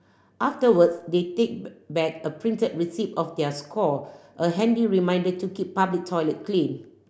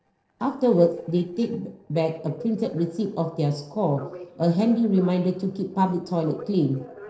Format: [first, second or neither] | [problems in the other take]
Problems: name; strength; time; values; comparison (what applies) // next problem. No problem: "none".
first | noise reduction (neural separator model SepFormer DNS4)